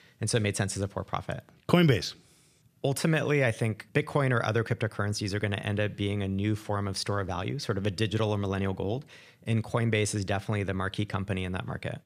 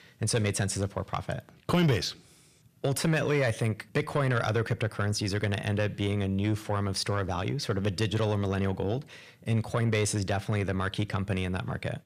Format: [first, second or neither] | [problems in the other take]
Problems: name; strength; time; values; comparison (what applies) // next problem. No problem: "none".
first | distortion; slight; 10 dB below the speech